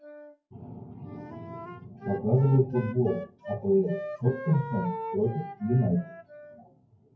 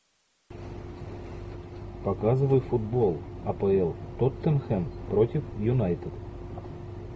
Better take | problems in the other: second | noise reduction (classical method WPE with log-MMSE)

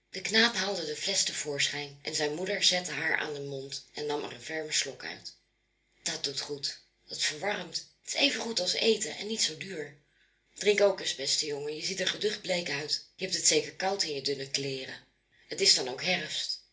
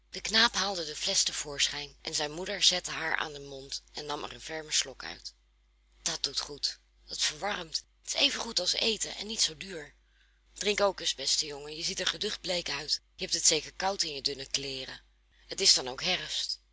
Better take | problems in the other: second | room echo; dies away in 0.3 s

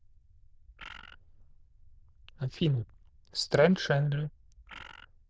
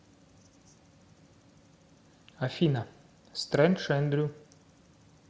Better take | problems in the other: second | noise reduction (neural diffusion model UNIVERSE++)

